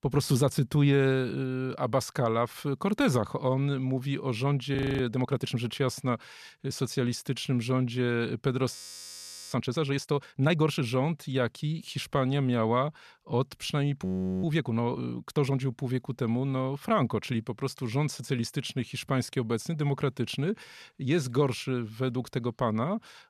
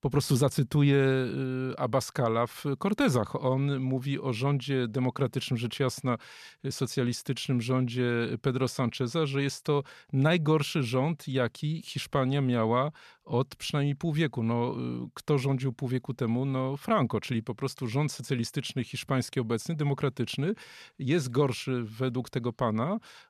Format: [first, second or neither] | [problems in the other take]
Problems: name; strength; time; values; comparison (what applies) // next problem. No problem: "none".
second | audio freezing; at 5 s, at 9 s for 1 s and at 14 s